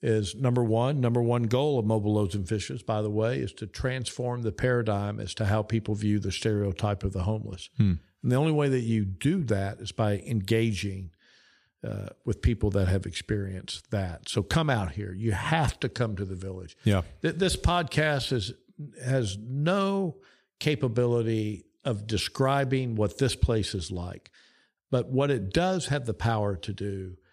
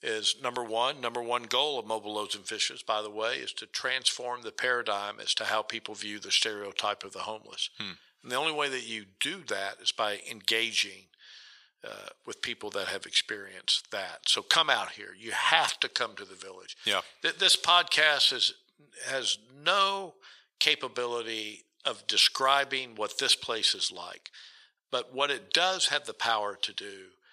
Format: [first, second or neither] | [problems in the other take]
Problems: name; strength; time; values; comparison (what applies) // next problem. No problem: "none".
first | thin; very; fading below 800 Hz